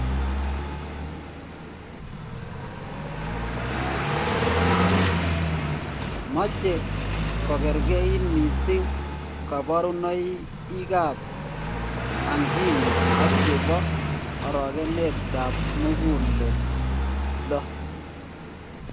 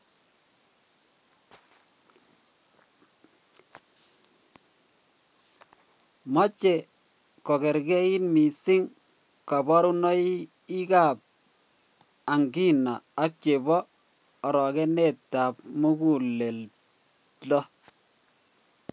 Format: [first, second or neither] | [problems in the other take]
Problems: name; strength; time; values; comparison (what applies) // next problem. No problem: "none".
second | background sound (Car passing by); 4 dB above the speech